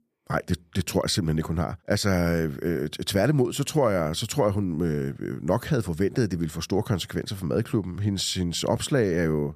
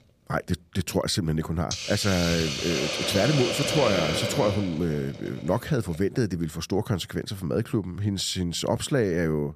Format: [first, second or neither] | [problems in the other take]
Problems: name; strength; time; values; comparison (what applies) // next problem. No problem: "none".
first | hiss; loud; until 6.5 s; 1 dB below the speech